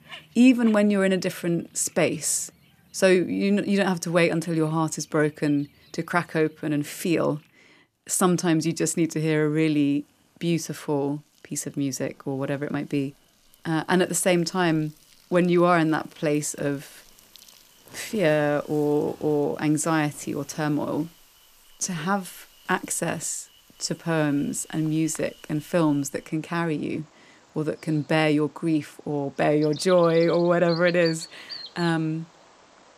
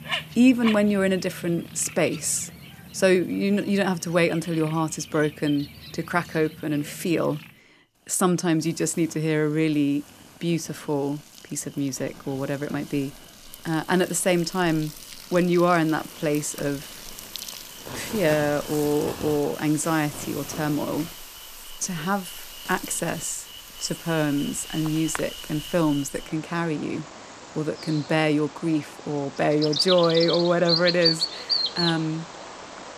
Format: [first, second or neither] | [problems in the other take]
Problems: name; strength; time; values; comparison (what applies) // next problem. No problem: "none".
first | animal sounds; loud; throughout; 8 dB below the speech; faint in the first